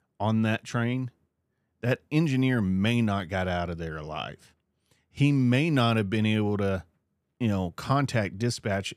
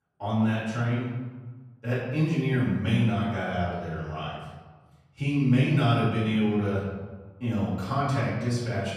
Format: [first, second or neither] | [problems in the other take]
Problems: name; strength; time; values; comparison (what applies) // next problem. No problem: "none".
first | off-mic speech; far // room echo; noticeable; dies away in 1.2 s